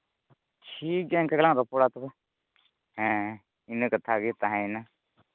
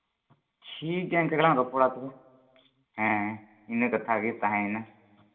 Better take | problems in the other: first | room echo; dies away in 1.3 s

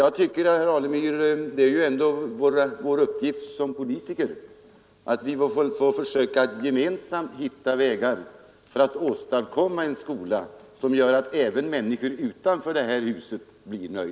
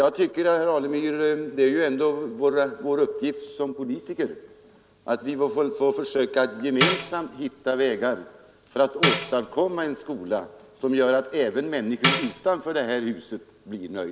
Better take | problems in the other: first | background sound (Tambourine); 4 dB below the speech

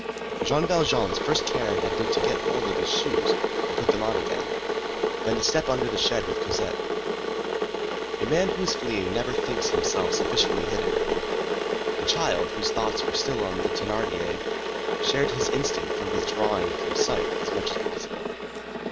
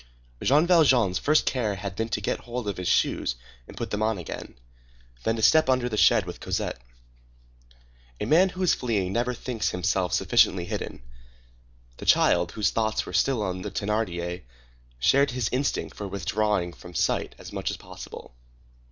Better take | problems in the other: second | background sound (Boiling / Water); 3 dB above the speech

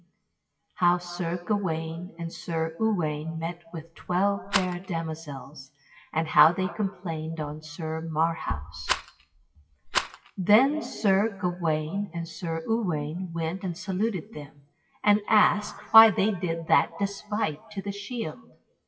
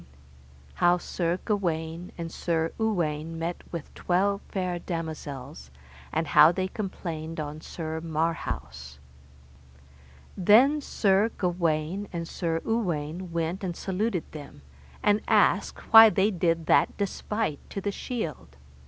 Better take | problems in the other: second | noise reduction (classical method WPE with log-MMSE)

